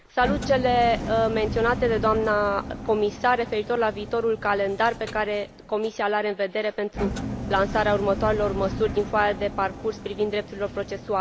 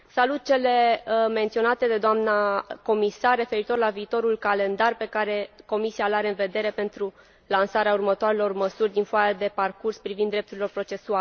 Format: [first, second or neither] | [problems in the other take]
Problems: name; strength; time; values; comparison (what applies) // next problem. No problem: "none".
second | background sound (Engine); 9 dB below the speech